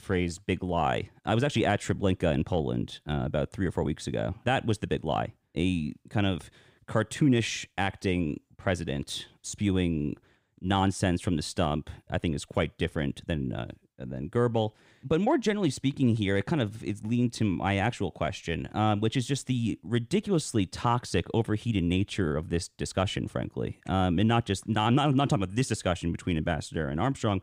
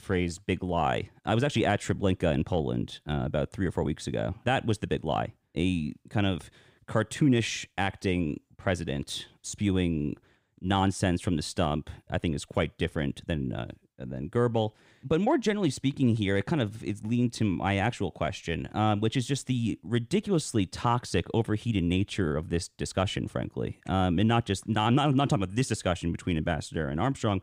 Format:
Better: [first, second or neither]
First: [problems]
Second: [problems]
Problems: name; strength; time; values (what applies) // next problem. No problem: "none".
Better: neither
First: none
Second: none